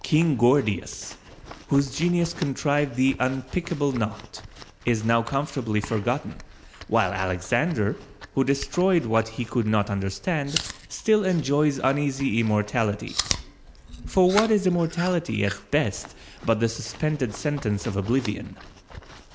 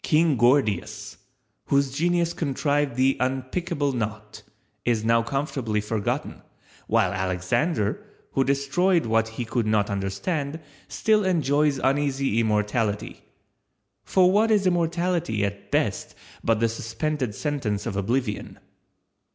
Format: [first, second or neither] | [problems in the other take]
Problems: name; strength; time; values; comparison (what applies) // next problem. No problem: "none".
second | background sound (Chewing, mastication); 14 dB below the speech